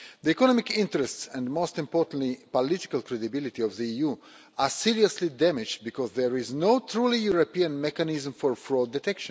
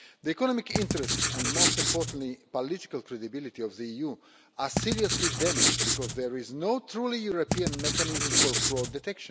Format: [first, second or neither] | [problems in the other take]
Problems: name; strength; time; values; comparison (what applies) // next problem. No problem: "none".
first | background sound (Writing); 5 dB above the speech